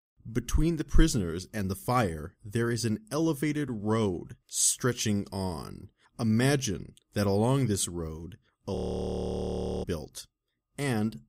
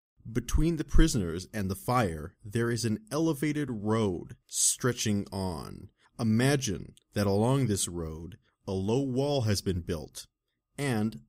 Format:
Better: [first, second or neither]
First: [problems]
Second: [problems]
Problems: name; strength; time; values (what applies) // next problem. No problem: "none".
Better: second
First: audio freezing; at 9 s for 1 s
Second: none